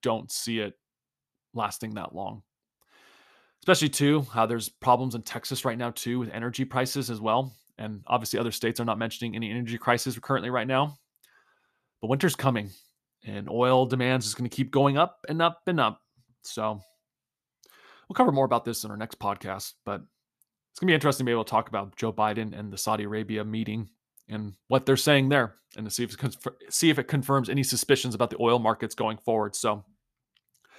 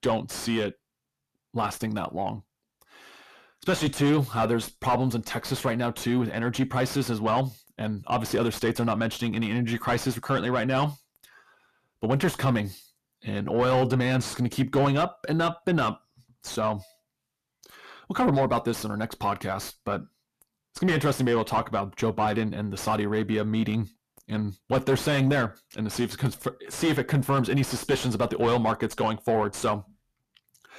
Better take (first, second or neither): first